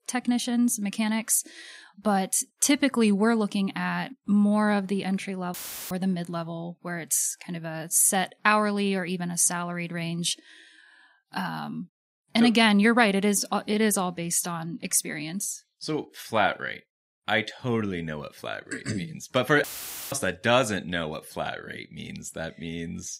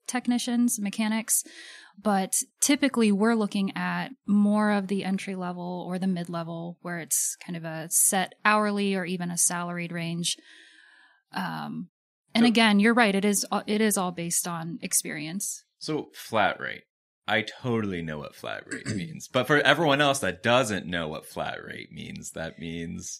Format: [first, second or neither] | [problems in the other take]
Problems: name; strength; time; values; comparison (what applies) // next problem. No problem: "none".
second | audio cutting out; filled with static; at 5.5 s and at 20 s